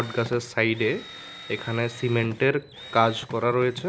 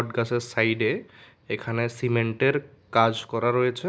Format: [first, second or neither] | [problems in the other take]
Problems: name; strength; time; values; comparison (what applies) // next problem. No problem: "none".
second | background sound (Drill); 16 dB below the speech